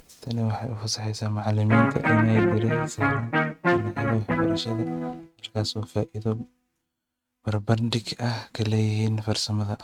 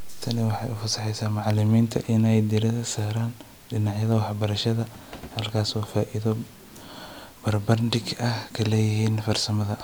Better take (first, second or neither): second